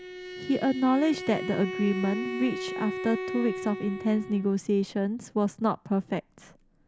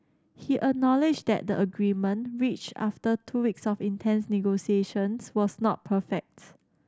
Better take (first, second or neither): second